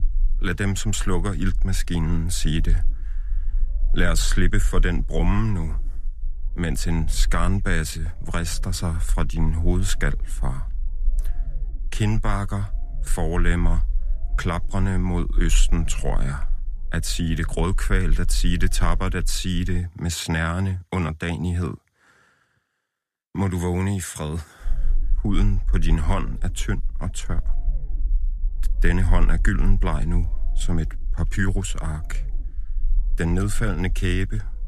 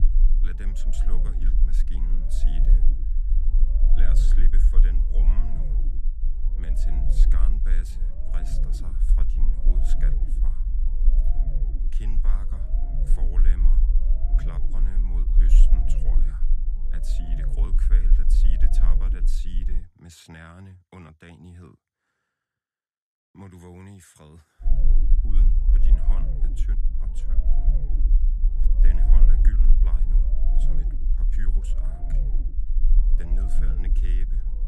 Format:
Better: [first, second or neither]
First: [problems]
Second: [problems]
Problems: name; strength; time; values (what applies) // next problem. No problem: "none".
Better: first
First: low rumble; faint; until 20 s and from 25 s on; 25 dB below the speech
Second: low rumble; loud; until 20 s and from 25 s on; 1 dB below the speech